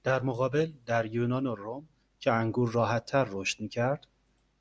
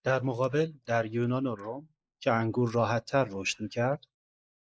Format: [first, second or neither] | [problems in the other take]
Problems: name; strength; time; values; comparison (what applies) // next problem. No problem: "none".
first | noise reduction (neural mask model Resemble Enhance denoiser)